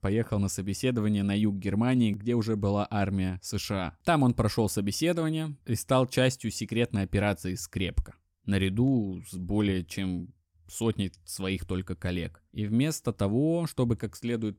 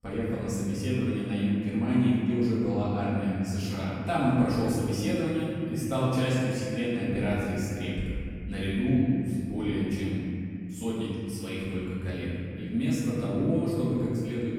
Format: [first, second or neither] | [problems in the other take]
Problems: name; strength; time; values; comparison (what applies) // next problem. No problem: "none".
first | room echo; strong; dies away in 2.4 s // off-mic speech; far